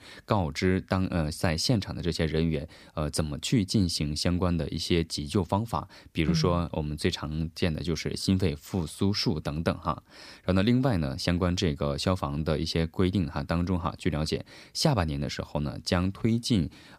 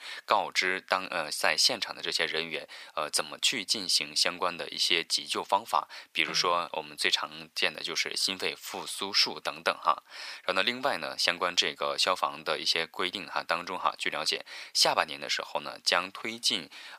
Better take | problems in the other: first | thin; very; fading below 850 Hz

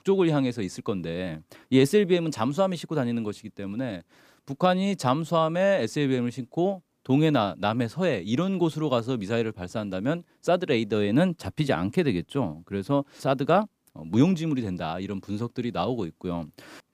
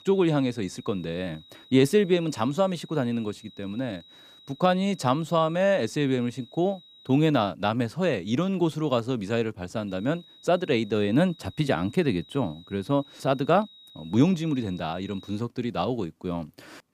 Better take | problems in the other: first | high-pitched whine; faint; until 7 s and from 10 to 15 s; 4 kHz, 25 dB below the speech

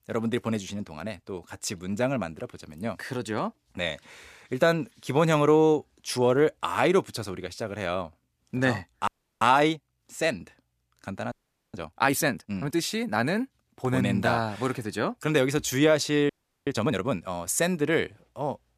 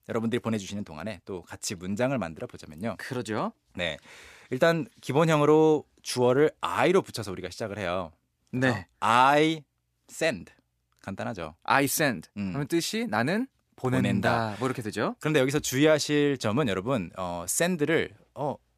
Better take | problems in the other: second | audio freezing; at 9 s, at 11 s and at 16 s

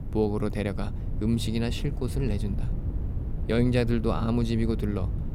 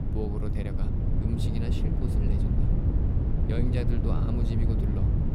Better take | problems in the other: first | wind noise on the microphone; heavy; 1 dB above the speech; occasional gusts in the first

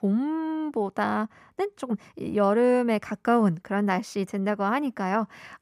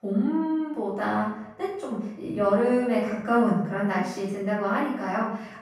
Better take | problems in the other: first | off-mic speech; far // room echo; noticeable; dies away in 0.7 s

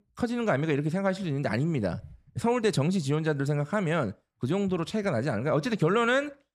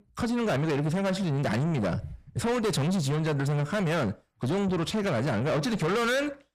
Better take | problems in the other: first | distortion; heavy; 7 dB below the speech

